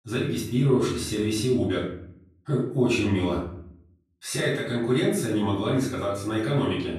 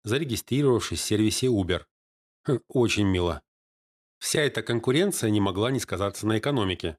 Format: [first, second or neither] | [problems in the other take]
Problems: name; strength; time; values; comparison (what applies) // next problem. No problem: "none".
second | room echo; noticeable; dies away in 0.6 s // off-mic speech; far